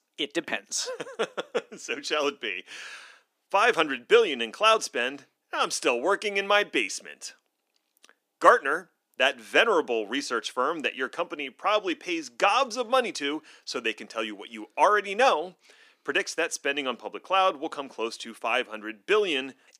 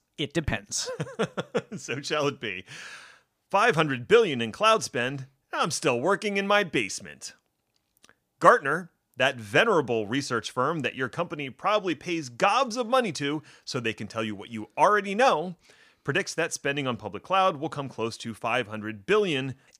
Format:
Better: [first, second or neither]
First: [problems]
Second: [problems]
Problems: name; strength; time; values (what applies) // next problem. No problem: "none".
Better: second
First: thin; very slightly; fading below 250 Hz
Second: none